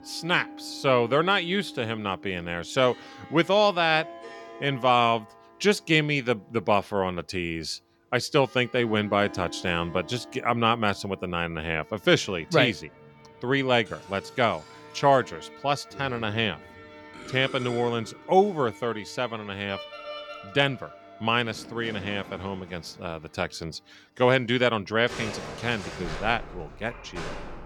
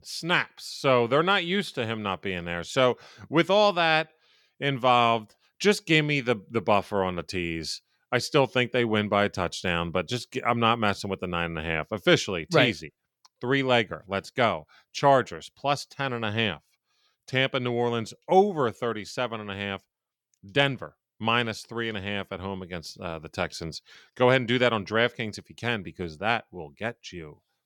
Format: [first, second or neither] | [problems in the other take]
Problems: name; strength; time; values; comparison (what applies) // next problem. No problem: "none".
second | background music; noticeable; throughout; 15 dB below the speech